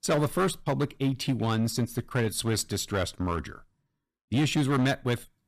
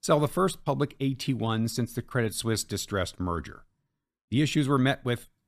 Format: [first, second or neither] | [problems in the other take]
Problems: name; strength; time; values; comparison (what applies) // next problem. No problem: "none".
second | distortion; slight; 8% of the sound clipped